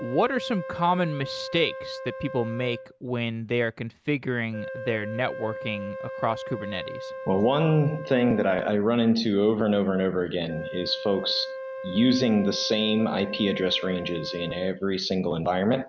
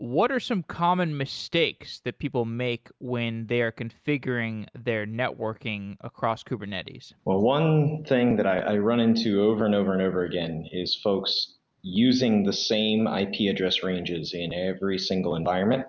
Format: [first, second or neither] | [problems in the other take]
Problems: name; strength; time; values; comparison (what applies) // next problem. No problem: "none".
second | background sound (Wind instrument, woodwind instrument); 12 dB below the speech